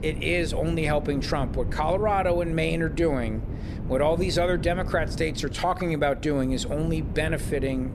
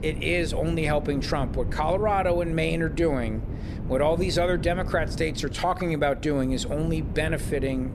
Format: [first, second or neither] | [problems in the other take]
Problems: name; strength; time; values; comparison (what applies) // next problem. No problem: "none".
neither | wind noise on the microphone; occasional gusts; 15 dB below the speech; the same in both